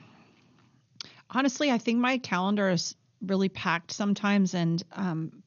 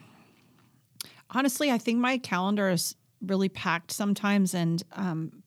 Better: second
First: garbled, watery; slightly; nothing above 6.5 kHz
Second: none

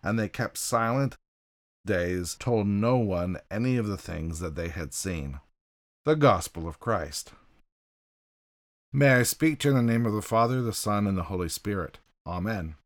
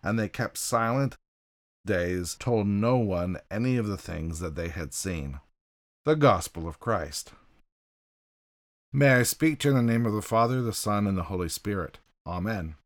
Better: neither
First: audio cutting out; at 1 s for 0.5 s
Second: audio cutting out; at 1 s for 0.5 s

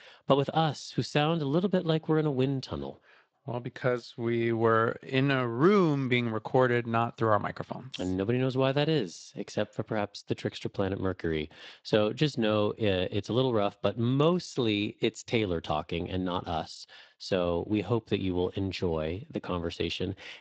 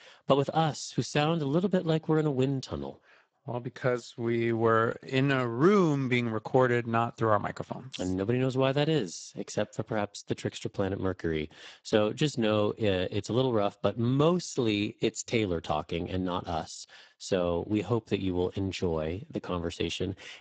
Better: first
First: garbled, watery; slightly; nothing above 8 kHz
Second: garbled, watery; badly; nothing above 7.5 kHz

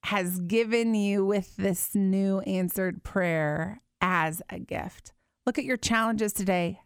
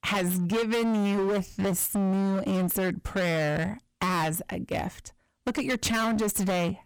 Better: first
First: none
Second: distortion; heavy; 30% of the sound clipped

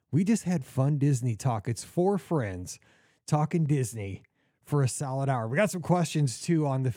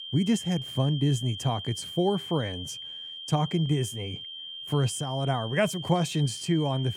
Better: first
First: none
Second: high-pitched whine; loud; throughout; 3 kHz, 9 dB below the speech

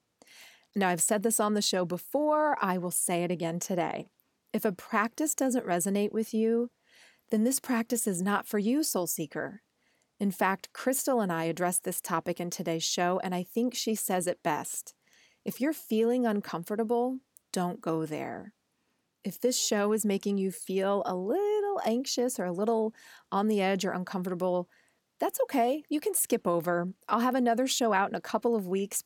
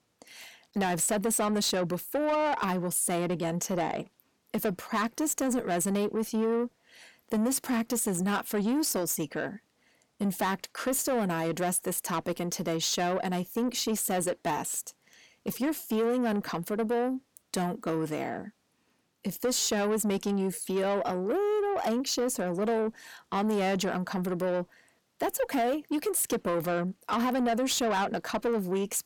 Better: first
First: none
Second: distortion; slight; 10 dB below the speech

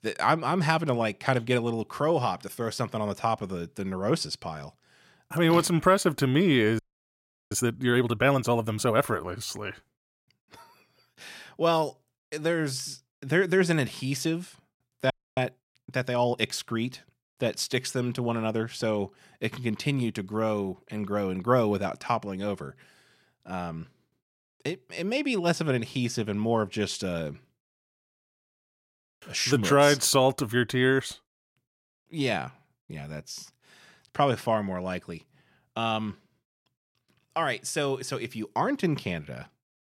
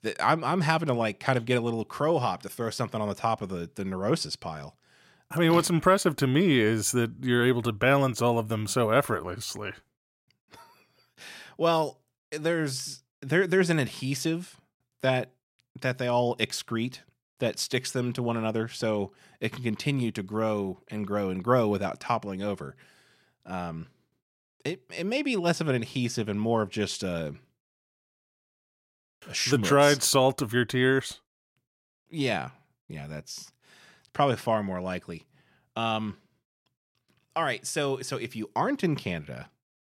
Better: second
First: audio freezing; at 7 s for 0.5 s and at 15 s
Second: none

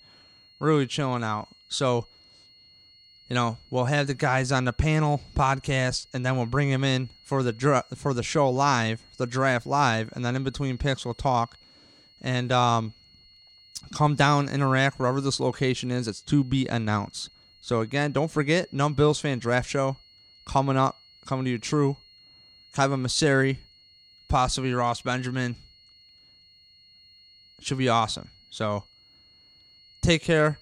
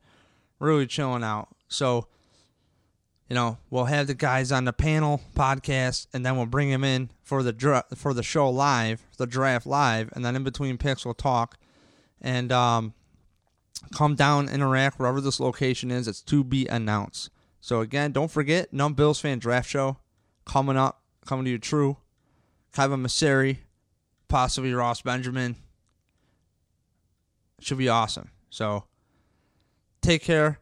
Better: second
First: high-pitched whine; faint; throughout; 4.5 kHz, 25 dB below the speech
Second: none

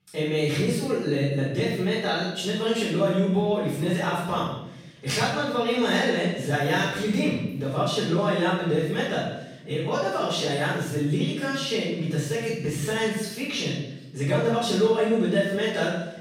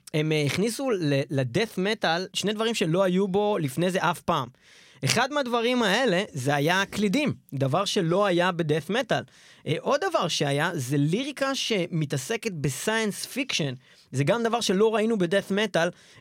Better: second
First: room echo; strong; dies away in 0.8 s // off-mic speech; far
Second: none

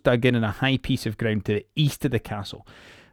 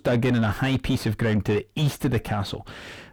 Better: first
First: none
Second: distortion; heavy; 7 dB below the speech

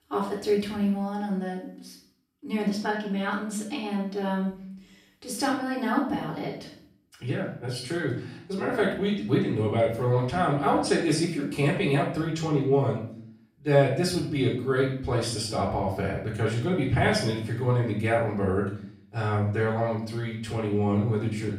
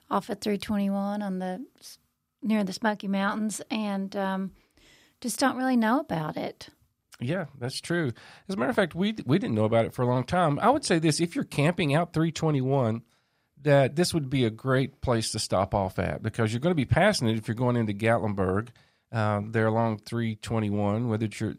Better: second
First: off-mic speech; far // room echo; noticeable; dies away in 0.5 s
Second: none

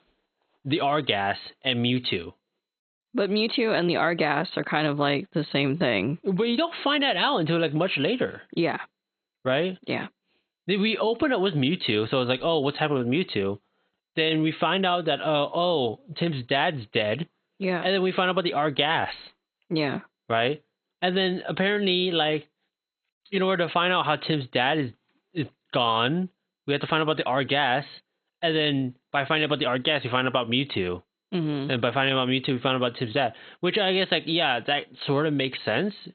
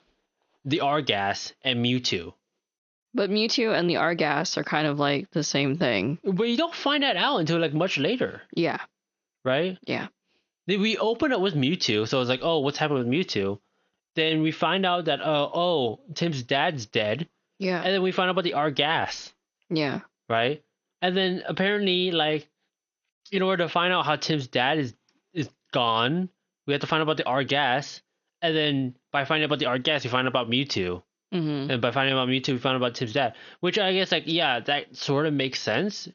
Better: second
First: garbled, watery; badly; nothing above 4 kHz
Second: garbled, watery; slightly; nothing above 6.5 kHz

